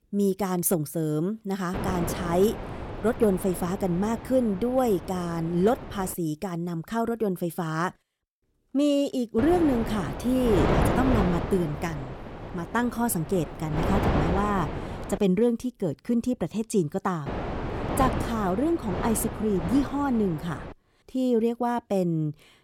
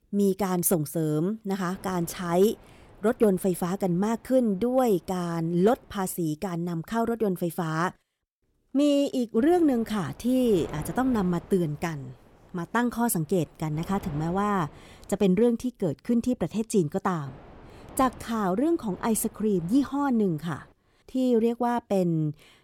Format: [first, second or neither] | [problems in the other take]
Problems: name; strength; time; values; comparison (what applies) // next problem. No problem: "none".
second | wind noise on the microphone; heavy; from 1.5 to 6 s, from 9.5 to 15 s and from 17 to 21 s; 5 dB below the speech; occasional gusts in the second